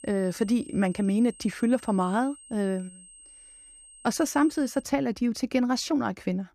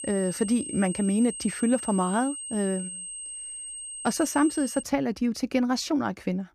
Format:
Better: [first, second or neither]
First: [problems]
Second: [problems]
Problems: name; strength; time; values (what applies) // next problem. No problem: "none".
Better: first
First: high-pitched whine; faint; until 5 s; 8.5 kHz, 20 dB below the speech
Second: high-pitched whine; loud; until 5 s; 8.5 kHz, 8 dB below the speech